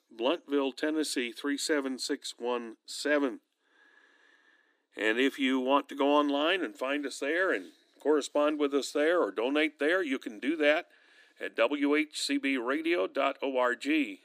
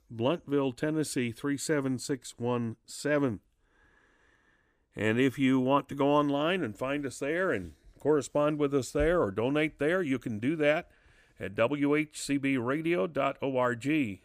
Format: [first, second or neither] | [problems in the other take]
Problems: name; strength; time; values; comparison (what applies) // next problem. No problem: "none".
second | thin; very slightly; fading below 300 Hz